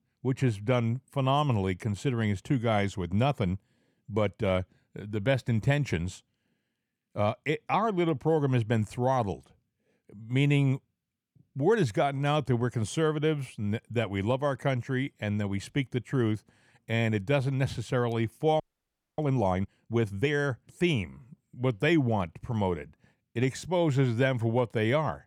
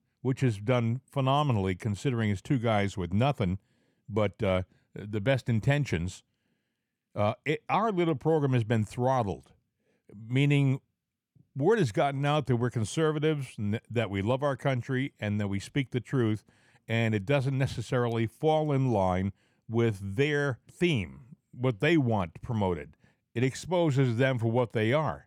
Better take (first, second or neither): second